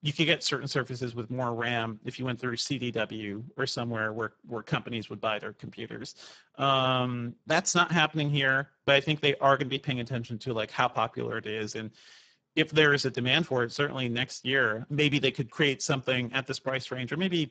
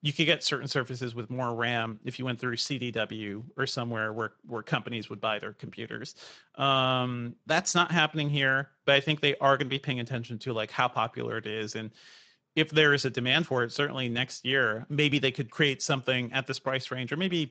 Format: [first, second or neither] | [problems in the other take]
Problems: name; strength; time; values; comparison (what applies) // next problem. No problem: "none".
second | garbled, watery; badly; nothing above 7.5 kHz; slightly in the second